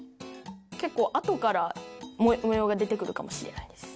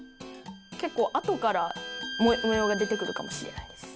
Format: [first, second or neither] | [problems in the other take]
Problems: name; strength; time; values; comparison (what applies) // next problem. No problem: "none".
first | background sound (Bowed string instrument); 10 dB below the speech